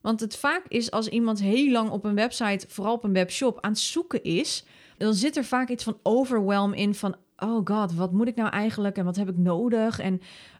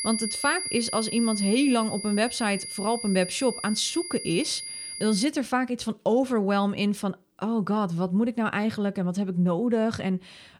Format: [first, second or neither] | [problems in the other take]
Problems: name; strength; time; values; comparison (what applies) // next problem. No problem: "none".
first | high-pitched whine; loud; until 5.5 s; 10.5 kHz, 6 dB below the speech